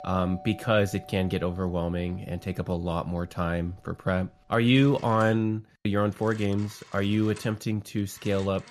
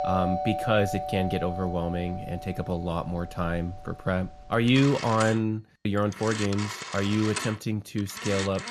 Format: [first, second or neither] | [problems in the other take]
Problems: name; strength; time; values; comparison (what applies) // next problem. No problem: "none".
first | alarms or sirens; loud; throughout; 7 dB below the speech; faint in the first